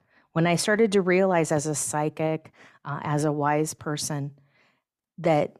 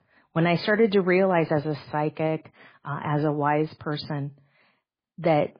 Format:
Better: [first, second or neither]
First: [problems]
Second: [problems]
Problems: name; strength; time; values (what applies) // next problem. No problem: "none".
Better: first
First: none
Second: garbled, watery; badly; nothing above 4.5 kHz